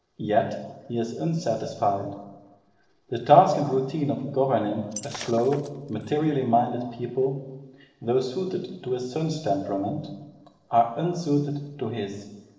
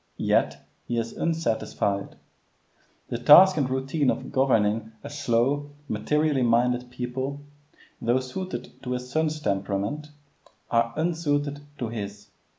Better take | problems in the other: second | noise reduction (neural separator model SepFormer DNS4)

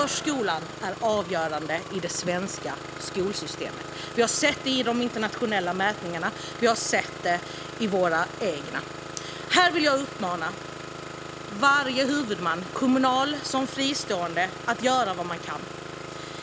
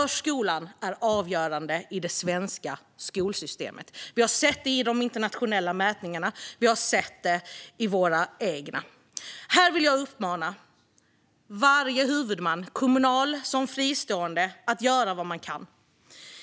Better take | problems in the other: second | background sound (Engine starting); 10 dB below the speech

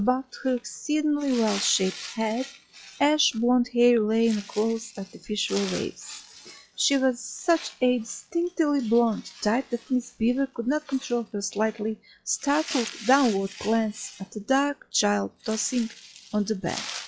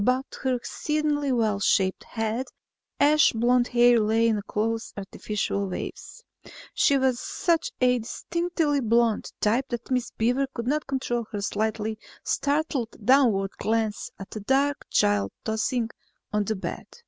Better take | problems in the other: second | noise reduction (classical method log-MMSE)

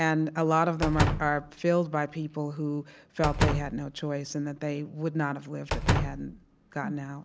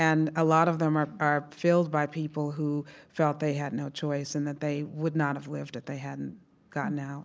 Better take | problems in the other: second | background sound (Slam); 3 dB below the speech

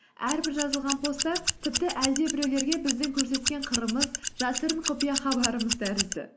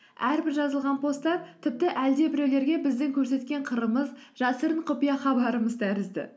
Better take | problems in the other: second | background sound (Scissors); 3 dB below the speech

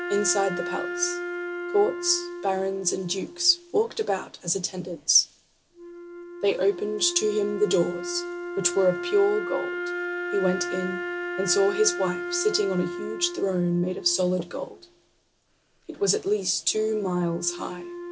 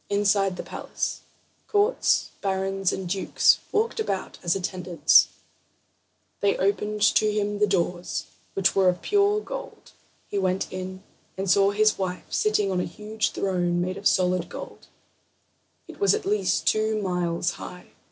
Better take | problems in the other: second | background sound (Wind instrument, woodwind instrument); 7 dB below the speech

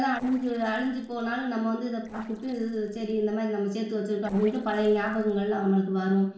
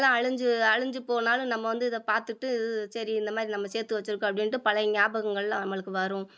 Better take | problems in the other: second | noise reduction (neural separator model SepFormer DNS4)

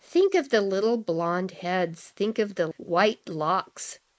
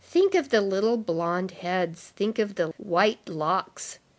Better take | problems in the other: second | noise reduction (neural mask model Resemble Enhance denoiser)

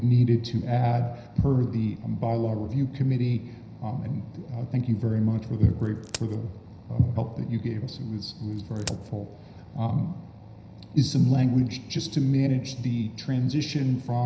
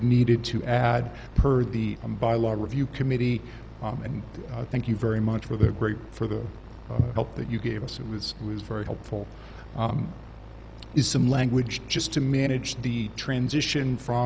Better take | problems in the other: second | background sound (Crack); 19 dB below the speech // room echo; dies away in 0.9 s

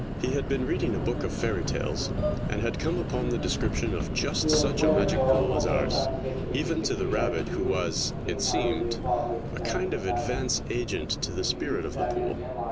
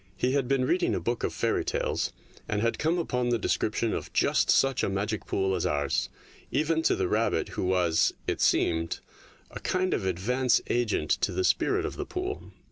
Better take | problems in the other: second | background sound (Subway, metro, underground); 2 dB above the speech

